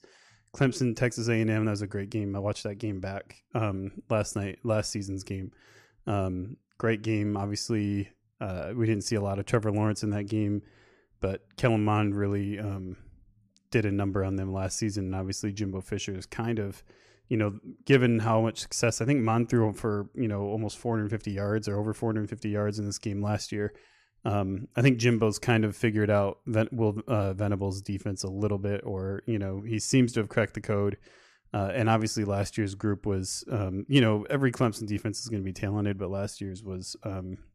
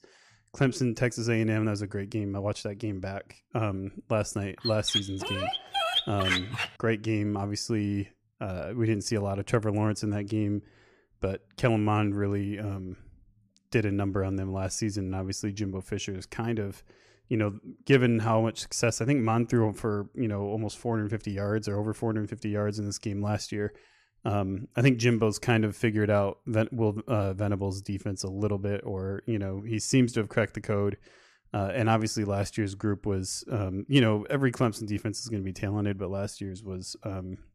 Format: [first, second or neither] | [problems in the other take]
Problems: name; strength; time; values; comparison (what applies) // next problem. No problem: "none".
first | dog barking; loud; from 4.5 to 6.5 s; peak 3 dB above the speech